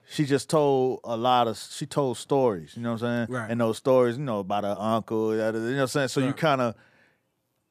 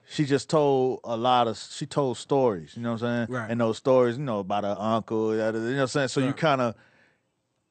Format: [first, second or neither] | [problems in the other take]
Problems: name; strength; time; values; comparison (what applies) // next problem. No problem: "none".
first | garbled, watery; slightly; nothing above 8.5 kHz